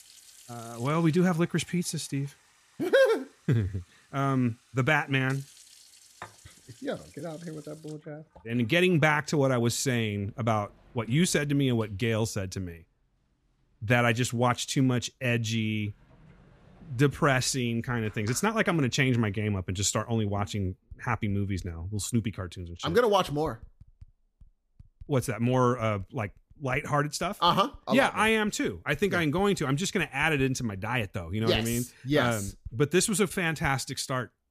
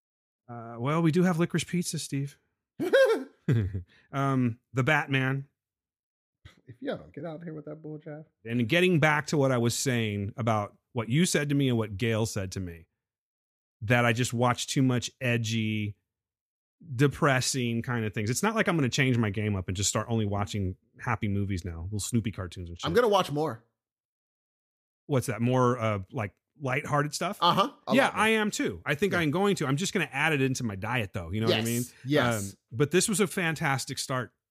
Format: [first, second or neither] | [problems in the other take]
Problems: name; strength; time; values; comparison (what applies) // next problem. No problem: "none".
second | household noises; faint; throughout; 25 dB below the speech